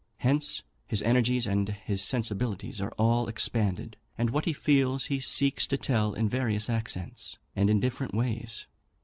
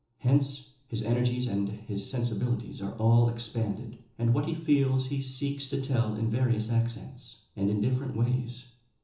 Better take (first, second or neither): first